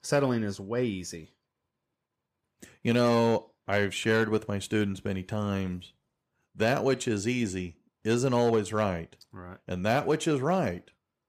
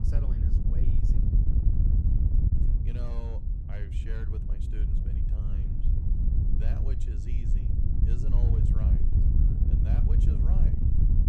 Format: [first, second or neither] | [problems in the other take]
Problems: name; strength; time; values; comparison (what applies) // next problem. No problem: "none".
first | wind noise on the microphone; heavy; 5 dB above the speech